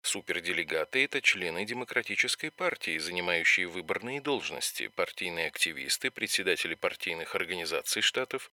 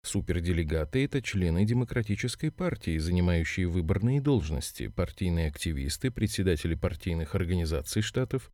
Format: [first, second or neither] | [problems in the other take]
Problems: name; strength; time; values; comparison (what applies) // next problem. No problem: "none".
second | thin; very; fading below 650 Hz